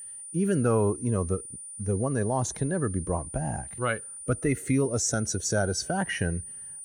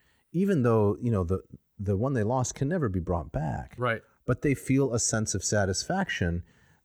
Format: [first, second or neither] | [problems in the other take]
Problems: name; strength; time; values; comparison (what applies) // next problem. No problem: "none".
second | high-pitched whine; loud; throughout; 9.5 kHz, 10 dB below the speech